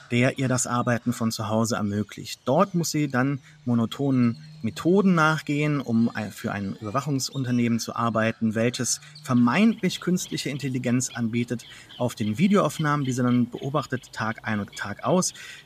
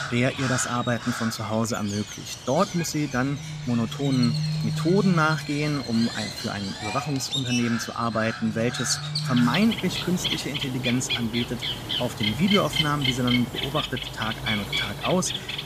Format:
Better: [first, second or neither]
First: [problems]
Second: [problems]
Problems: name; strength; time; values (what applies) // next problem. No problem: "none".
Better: first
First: animal sounds; faint; throughout; 25 dB below the speech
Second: animal sounds; loud; throughout; 3 dB below the speech